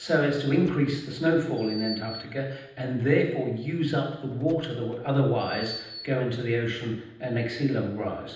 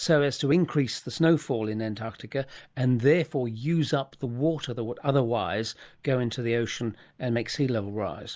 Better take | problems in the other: second | background sound (Door); 19 dB below the speech // room echo; dies away in 0.9 s

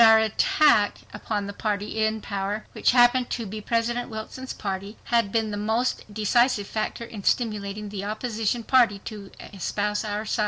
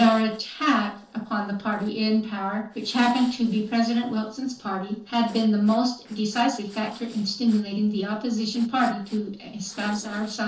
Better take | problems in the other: first | noise reduction (neural separator model SepFormer DNS4)

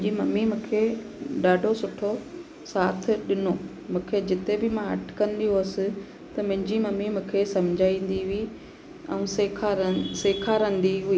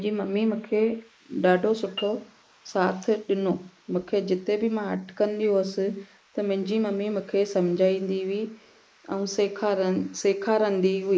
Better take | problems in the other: first | noise reduction (neural mask model Resemble Enhance denoiser)

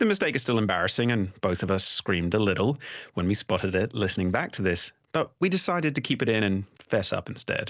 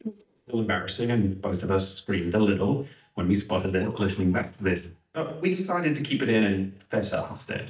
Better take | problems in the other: first | noise reduction (neural mask model DeepFilterNet 3)

